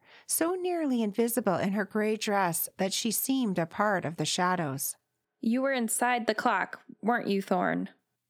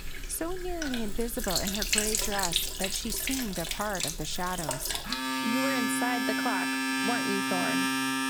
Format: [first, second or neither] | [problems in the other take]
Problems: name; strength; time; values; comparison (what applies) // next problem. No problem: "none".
first | household noises; very loud; throughout; 5 dB above the speech